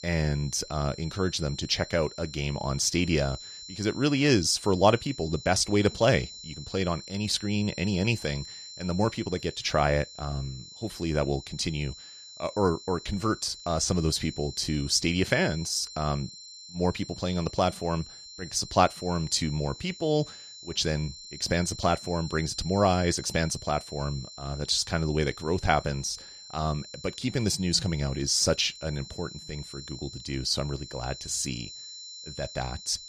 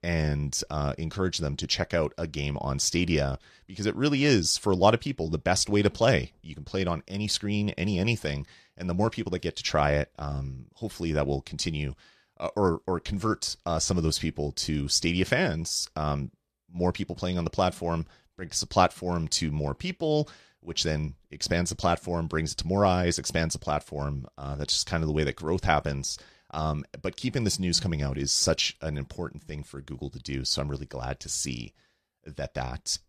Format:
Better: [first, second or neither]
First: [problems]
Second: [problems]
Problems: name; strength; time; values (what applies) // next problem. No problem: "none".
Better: second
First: high-pitched whine; noticeable; throughout; 4 kHz, 15 dB below the speech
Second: none